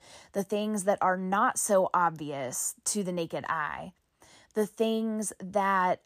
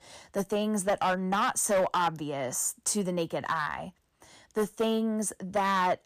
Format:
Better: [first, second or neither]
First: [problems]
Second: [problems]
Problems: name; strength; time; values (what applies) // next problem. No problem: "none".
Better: first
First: none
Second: distortion; slight; 6% of the sound clipped